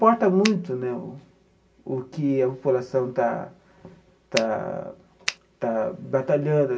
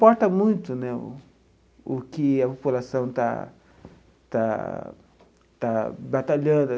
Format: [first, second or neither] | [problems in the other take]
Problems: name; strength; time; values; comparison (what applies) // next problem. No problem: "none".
second | background sound (Finger snapping); 7 dB below the speech // room echo; dies away in 0.2 s